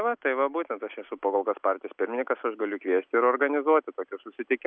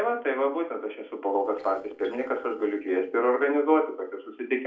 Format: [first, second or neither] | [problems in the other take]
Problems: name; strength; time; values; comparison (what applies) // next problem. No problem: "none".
first | noise reduction (neural separator model SepFormer DNS4)